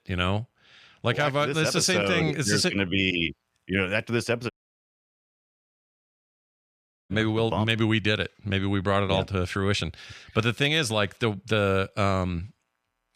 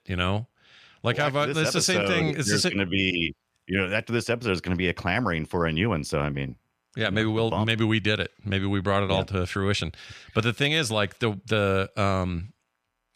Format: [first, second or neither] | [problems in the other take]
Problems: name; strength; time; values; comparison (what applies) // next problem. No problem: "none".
second | audio cutting out; at 4.5 s for 2.5 s